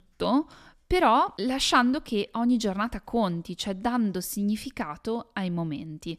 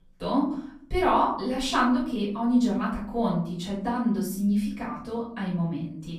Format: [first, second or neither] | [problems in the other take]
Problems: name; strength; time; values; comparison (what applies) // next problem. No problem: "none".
first | off-mic speech; far // room echo; noticeable; dies away in 0.6 s